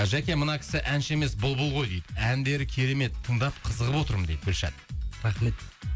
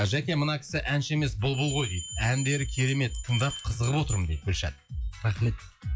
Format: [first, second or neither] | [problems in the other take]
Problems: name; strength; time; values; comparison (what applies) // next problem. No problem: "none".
first | noise reduction (classical method log-MMSE)